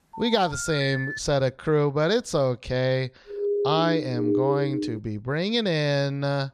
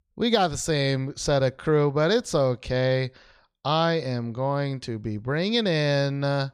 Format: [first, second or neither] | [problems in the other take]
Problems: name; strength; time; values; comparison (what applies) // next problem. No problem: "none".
second | phone ringing; noticeable; until 1 s; peak 6 dB below the speech // siren; loud; from 3.5 to 5 s; peak 1 dB above the speech